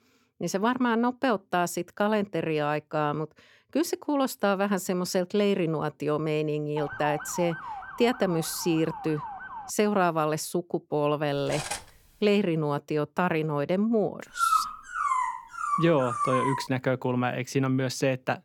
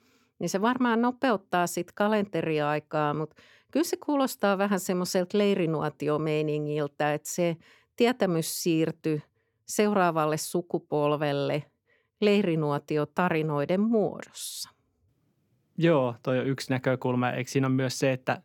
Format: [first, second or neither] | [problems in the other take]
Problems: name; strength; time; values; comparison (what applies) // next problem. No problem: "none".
second | siren; noticeable; from 7 to 9.5 s; peak 8 dB below the speech // clattering dishes; noticeable; at 11 s; peak 6 dB below the speech // dog barking; loud; from 14 to 17 s; peak 3 dB above the speech